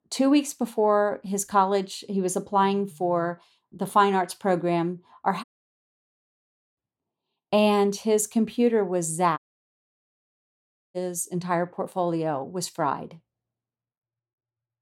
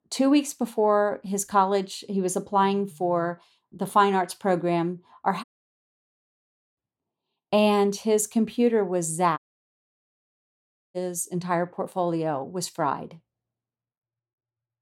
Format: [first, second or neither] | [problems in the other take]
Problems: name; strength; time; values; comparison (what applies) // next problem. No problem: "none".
neither | audio cutting out; at 5.5 s for 1.5 s and at 9.5 s for 1.5 s; the same in both